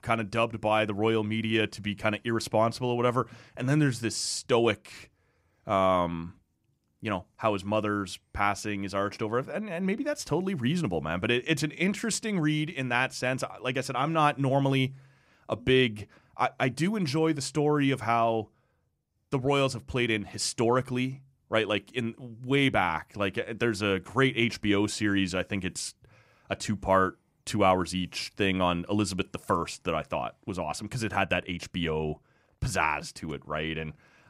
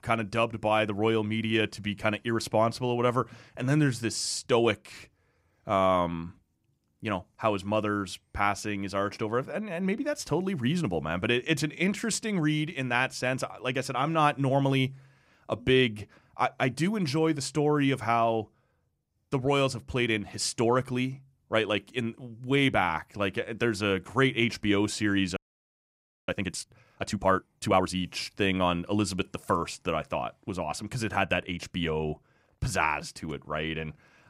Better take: first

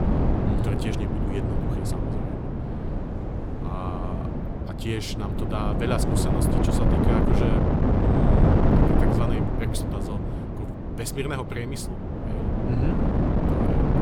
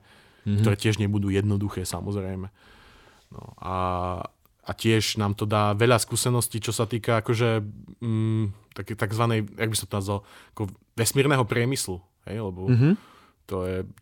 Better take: second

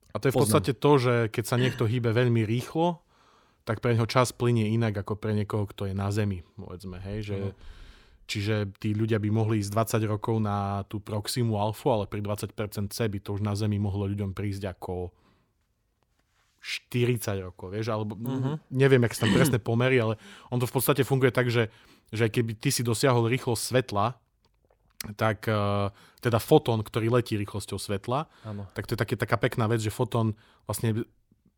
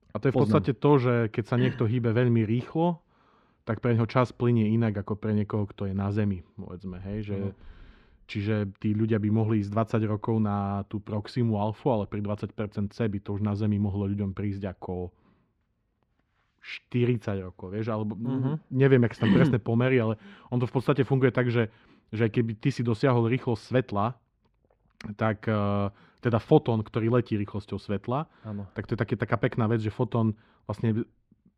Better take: first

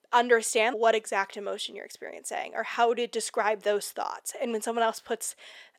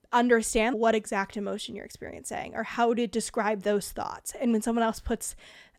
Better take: second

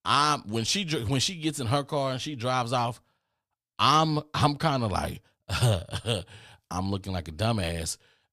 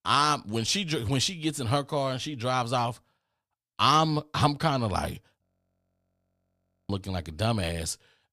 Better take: first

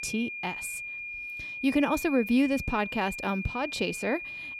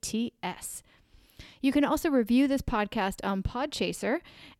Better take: second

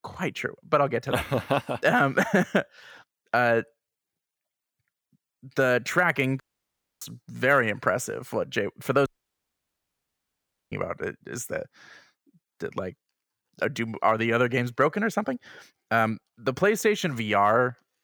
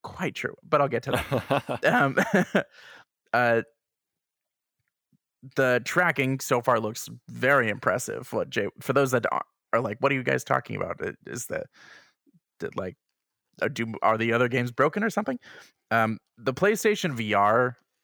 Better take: second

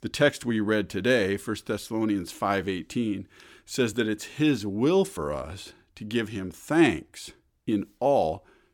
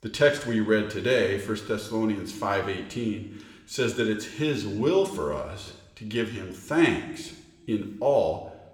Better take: first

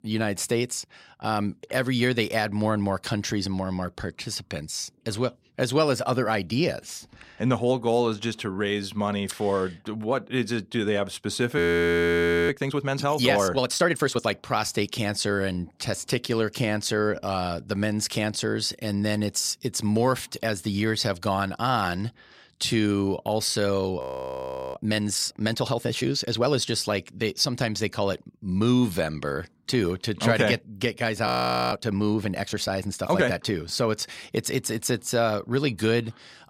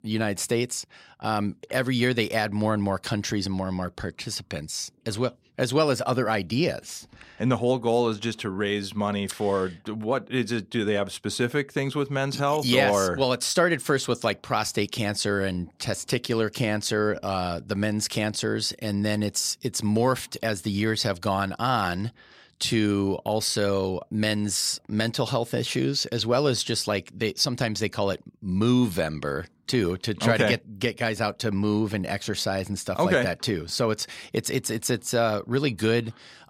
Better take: second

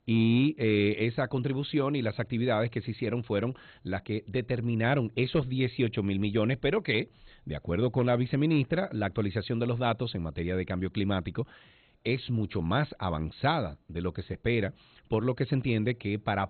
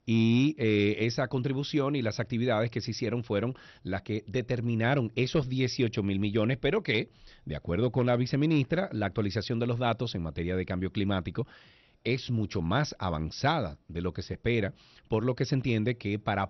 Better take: second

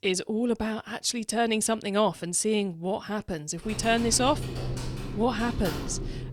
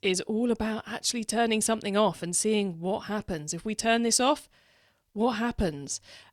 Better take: second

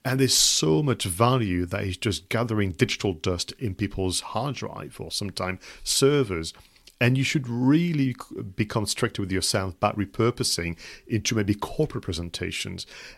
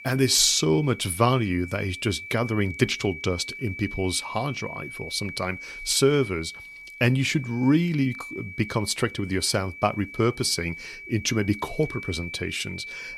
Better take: first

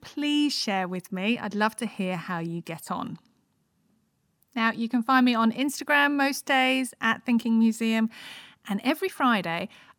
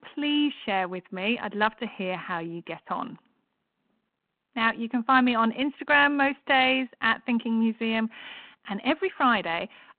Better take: first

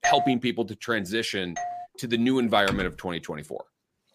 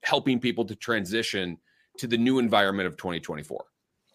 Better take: second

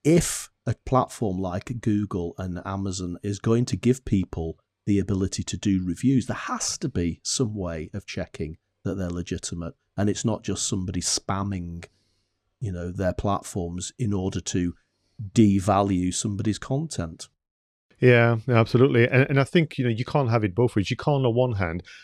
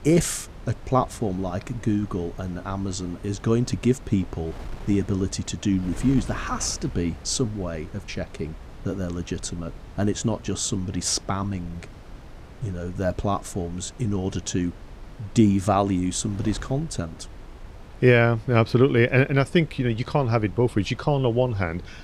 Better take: first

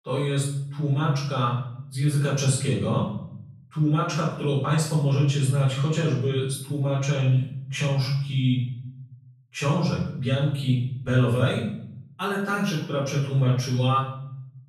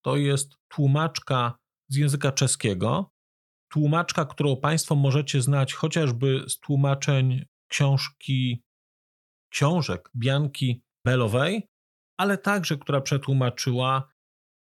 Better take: second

